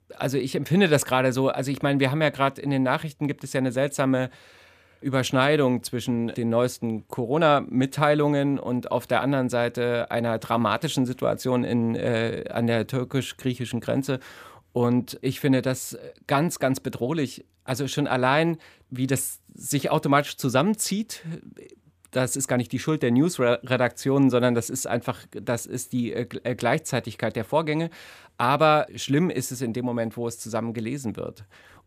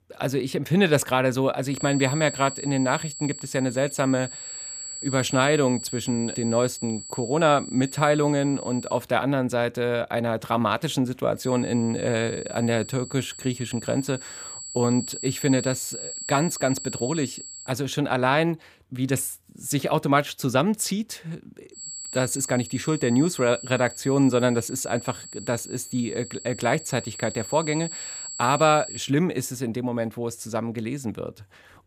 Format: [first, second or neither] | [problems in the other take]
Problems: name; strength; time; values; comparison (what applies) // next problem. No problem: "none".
first | high-pitched whine; noticeable; from 2 to 9 s, from 11 to 18 s and from 22 to 29 s; 7.5 kHz, 10 dB below the speech